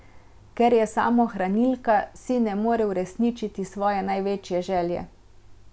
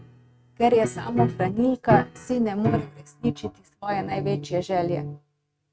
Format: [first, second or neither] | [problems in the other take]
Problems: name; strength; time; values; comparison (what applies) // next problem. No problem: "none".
first | noise reduction (neural mask model RNNoise)